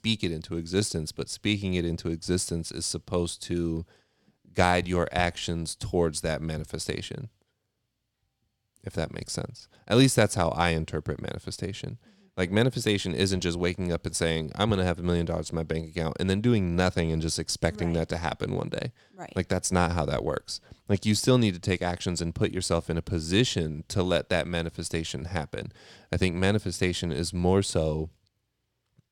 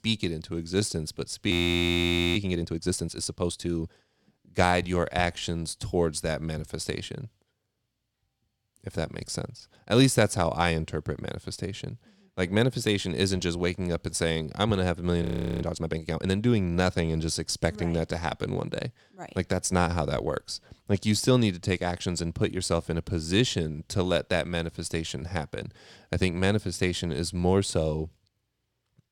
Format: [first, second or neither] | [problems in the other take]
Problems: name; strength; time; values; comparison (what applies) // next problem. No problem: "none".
first | audio freezing; at 1.5 s for 1 s and at 15 s